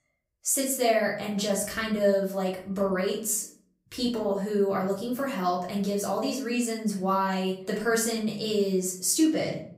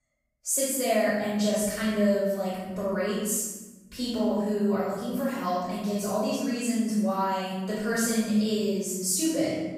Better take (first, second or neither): first